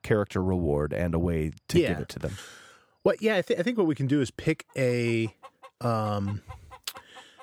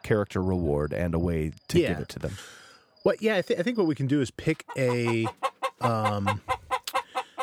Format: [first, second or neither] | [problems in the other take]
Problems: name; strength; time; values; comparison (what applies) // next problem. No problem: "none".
first | animal sounds; loud; throughout; 4 dB below the speech; faint in the first